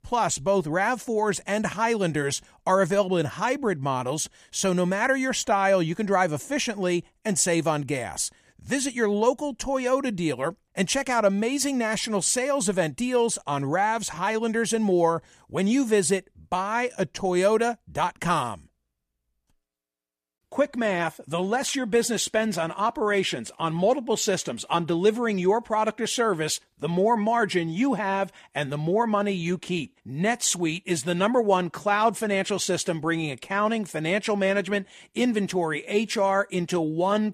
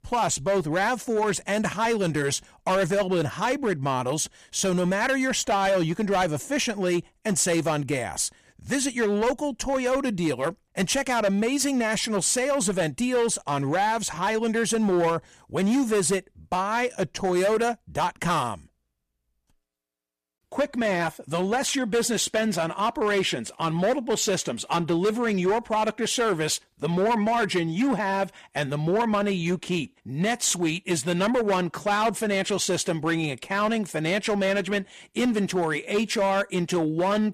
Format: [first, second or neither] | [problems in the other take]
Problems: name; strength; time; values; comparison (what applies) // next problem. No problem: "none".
first | distortion; slight; 10% of the sound clipped